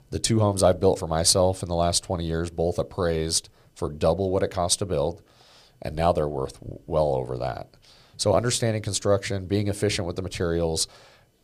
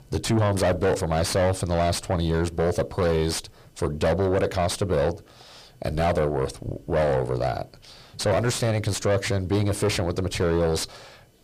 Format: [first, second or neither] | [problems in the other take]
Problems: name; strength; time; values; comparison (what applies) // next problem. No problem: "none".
first | distortion; heavy; 6 dB below the speech